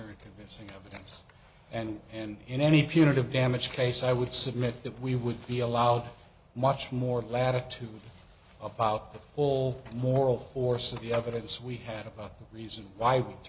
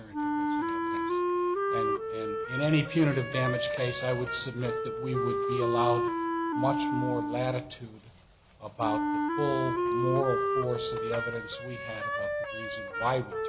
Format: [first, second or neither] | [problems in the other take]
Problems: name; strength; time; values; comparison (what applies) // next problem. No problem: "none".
first | background sound (Wind instrument, woodwind instrument); 1 dB above the speech